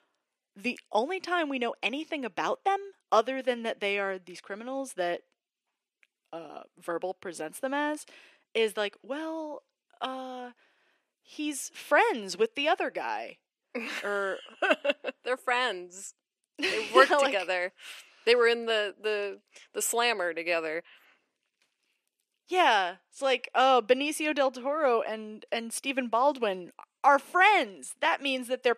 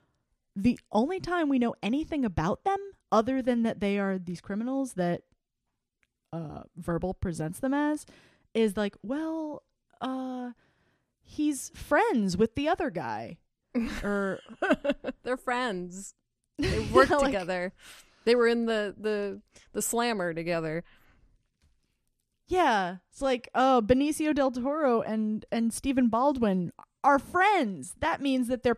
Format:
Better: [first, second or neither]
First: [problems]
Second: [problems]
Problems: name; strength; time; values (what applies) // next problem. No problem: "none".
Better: second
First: thin; somewhat; fading below 400 Hz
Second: none